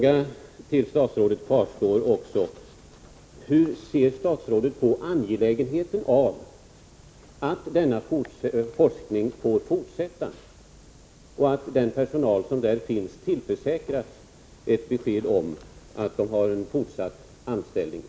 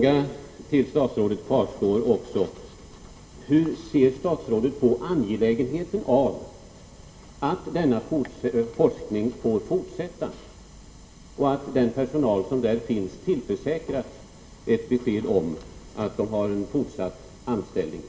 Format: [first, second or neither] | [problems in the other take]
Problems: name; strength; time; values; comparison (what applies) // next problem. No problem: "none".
first | room echo; dies away in 1.3 s